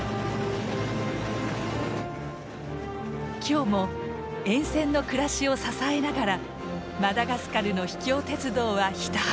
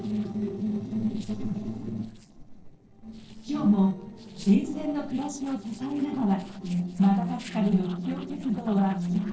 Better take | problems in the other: first | noise reduction (neural separator model SepFormer DNS4)

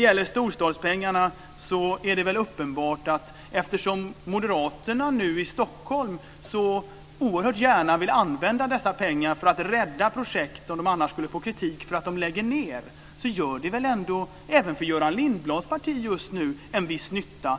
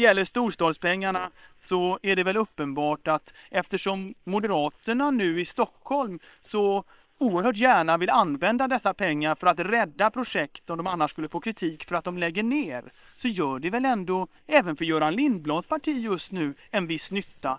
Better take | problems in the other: first | noise reduction (neural separator model SepFormer WHAM!)

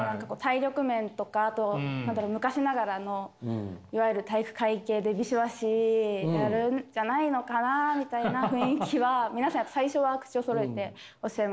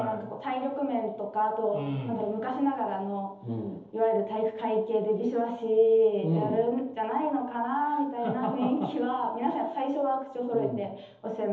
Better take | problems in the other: first | room echo; dies away in 0.8 s

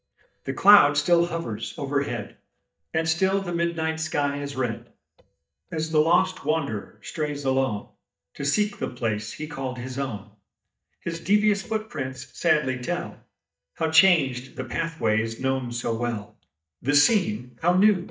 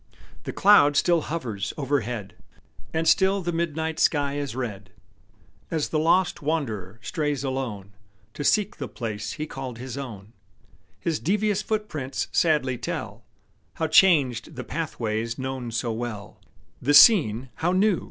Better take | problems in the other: second | noise reduction (neural mask model DeepFilterNet 3)

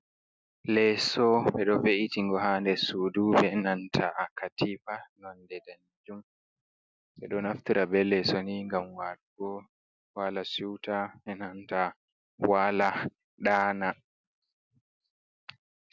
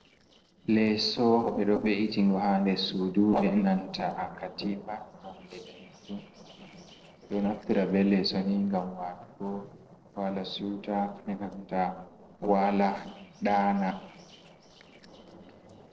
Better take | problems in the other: first | noise reduction (neural separator model SepFormer DNS4)

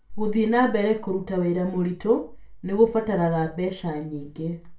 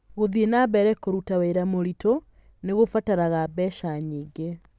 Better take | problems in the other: second | room echo; dies away in 0.3 s

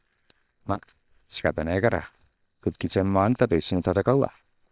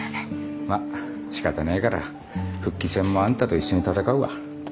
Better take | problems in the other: second | noise reduction (neural separator model SepFormer WHAM!)

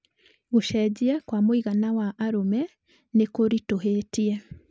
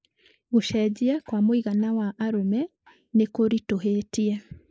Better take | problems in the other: first | noise reduction (neural mask model Resemble Enhance denoiser)

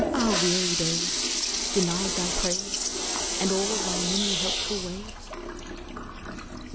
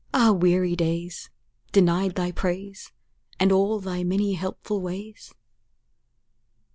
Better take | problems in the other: second | background sound (Toilet flush); 3 dB above the speech

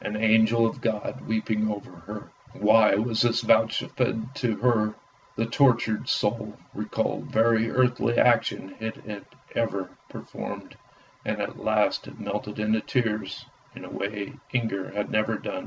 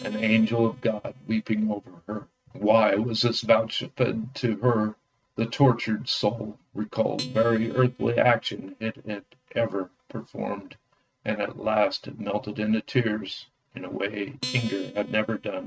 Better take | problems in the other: first | noise reduction (neural mask model RNNoise)

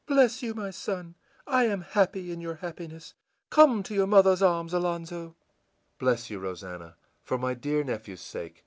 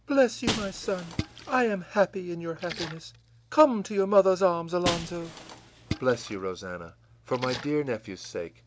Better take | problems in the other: first | background sound (Shatter + Splash, splatter); 11 dB below the speech

